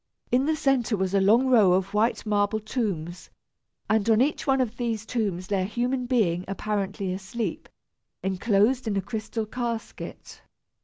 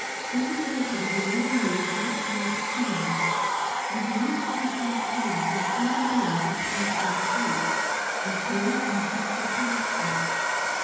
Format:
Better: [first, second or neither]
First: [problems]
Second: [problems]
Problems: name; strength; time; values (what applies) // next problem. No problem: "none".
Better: first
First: none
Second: background sound (Domestic sounds, home sounds); 3 dB above the speech // room echo; dies away in 1.2 s